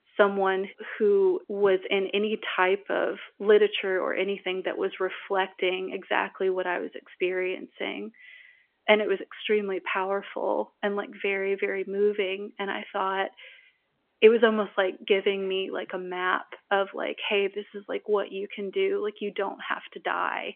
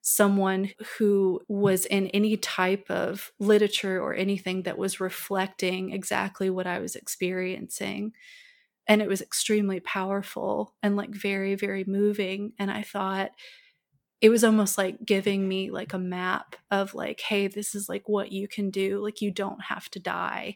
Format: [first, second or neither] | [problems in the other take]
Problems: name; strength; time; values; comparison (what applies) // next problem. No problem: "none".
second | phone-call audio; nothing above 3.5 kHz